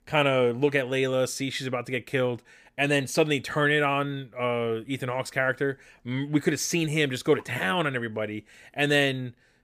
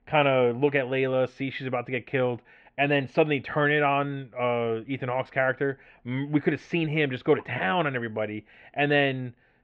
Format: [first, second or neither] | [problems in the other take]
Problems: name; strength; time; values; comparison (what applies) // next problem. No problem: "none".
first | muffled; very; fading above 3 kHz